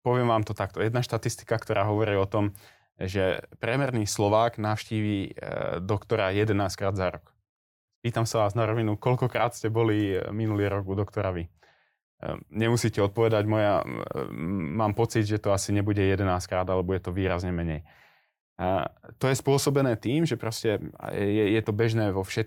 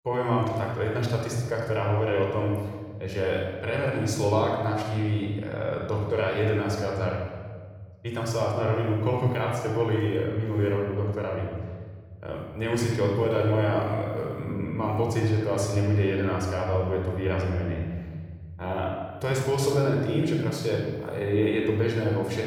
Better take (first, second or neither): first